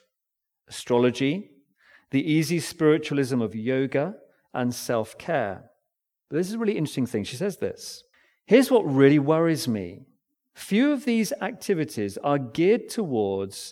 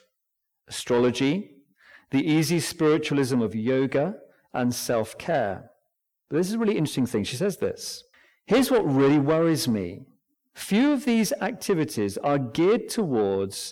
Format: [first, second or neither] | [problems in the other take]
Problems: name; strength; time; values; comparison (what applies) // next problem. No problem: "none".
first | distortion; slight; 10 dB below the speech